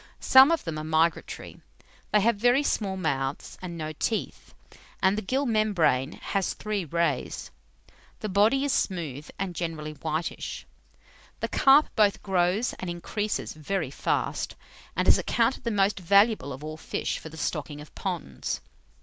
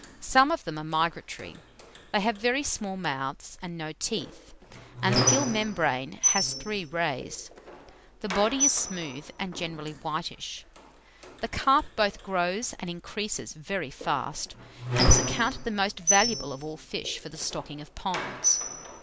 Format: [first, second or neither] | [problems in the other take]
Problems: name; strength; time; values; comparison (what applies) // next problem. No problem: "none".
first | background sound (Squeak); 3 dB below the speech